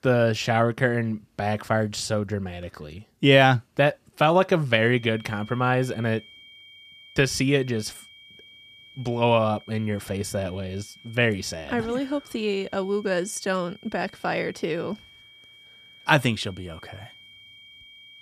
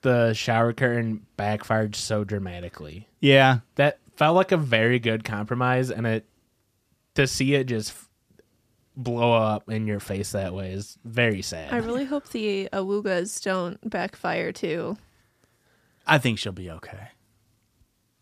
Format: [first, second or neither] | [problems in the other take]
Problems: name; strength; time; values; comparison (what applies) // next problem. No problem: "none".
second | high-pitched whine; faint; from 5 s on; 3 kHz, 25 dB below the speech